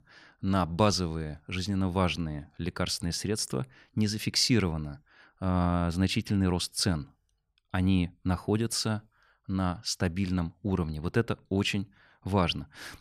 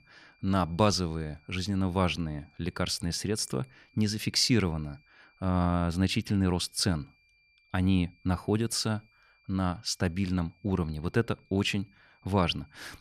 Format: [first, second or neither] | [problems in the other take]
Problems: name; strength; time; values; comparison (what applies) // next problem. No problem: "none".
first | high-pitched whine; faint; throughout; 2.5 kHz, 35 dB below the speech